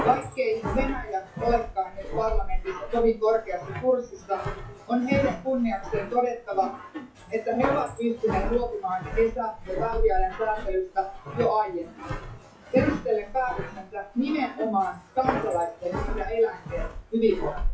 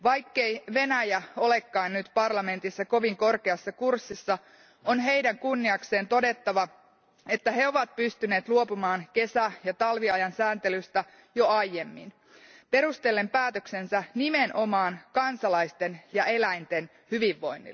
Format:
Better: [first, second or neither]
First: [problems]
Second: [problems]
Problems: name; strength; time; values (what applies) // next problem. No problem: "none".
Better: second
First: noise reduction (classical method WPE with log-MMSE)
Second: none